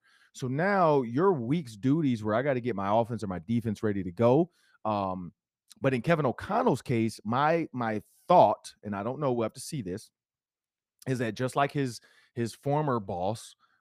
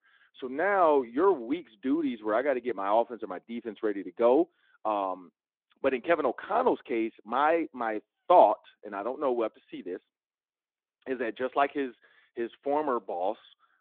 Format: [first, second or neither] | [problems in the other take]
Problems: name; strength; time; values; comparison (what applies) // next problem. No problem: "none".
first | phone-call audio